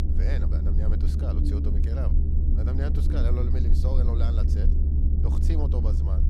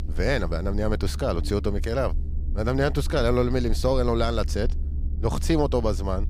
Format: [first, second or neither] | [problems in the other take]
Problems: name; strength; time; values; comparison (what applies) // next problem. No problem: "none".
second | low rumble; loud; throughout; as loud as the speech; faint in the second